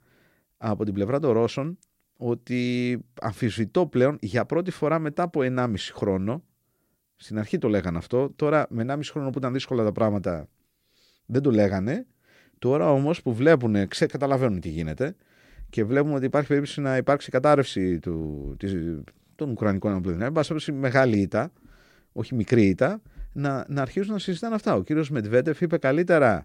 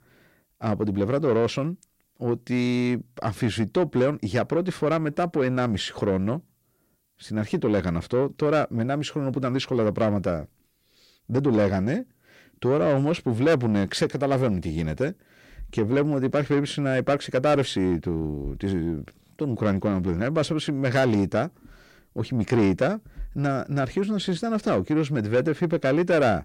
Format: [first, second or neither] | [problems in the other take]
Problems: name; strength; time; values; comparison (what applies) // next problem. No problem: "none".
first | distortion; slight; 10 dB below the speech